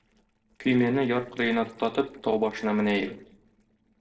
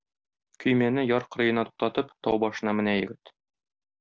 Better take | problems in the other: second | noise reduction (neural separator model SepFormer DNS4)

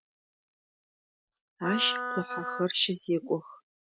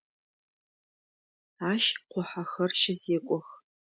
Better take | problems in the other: second | noise reduction (neural mask model RNNoise)

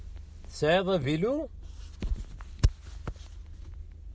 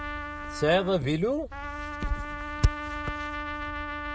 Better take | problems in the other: first | background sound (Trumpet); 7 dB below the speech

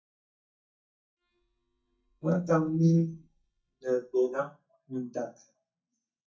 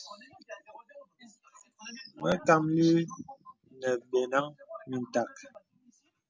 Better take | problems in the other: second | noise reduction (neural mask model DeepFilterNet 3)

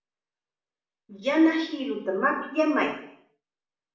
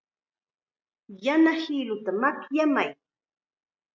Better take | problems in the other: second | room echo; dies away in 0.6 s

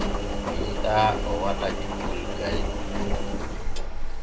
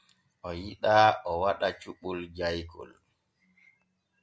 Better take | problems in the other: second | background sound (Engine); 4 dB above the speech // room echo; dies away in 0.2 s

